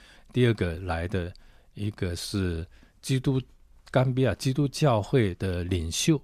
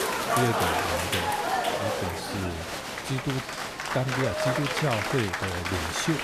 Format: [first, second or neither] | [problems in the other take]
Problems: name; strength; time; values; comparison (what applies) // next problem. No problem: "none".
first | crowd noise; very loud; throughout; 3 dB above the speech